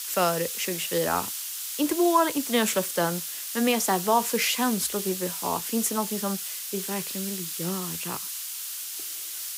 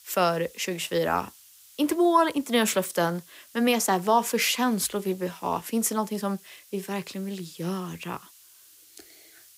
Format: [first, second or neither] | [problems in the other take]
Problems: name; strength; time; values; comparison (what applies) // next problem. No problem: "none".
second | hiss; loud; throughout; 4 dB below the speech; faint in the second